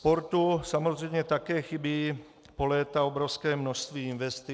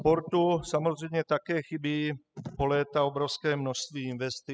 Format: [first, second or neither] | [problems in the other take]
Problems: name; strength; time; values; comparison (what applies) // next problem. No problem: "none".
first | noise reduction (classical method spectral subtraction)